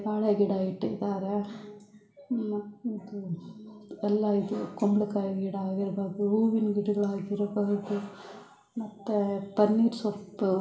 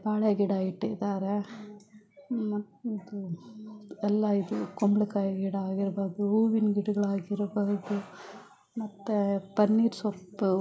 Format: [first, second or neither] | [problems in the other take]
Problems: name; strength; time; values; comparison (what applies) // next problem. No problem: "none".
second | room echo; dies away in 0.5 s